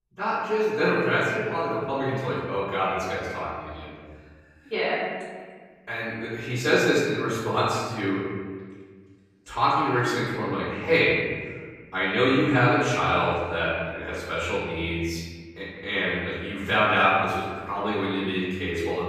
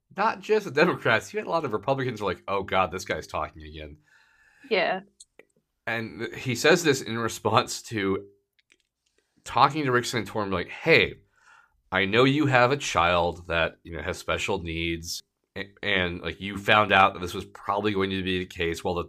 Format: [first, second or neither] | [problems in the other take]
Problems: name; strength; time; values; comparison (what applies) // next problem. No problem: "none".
second | off-mic speech; far // room echo; strong; dies away in 1.6 s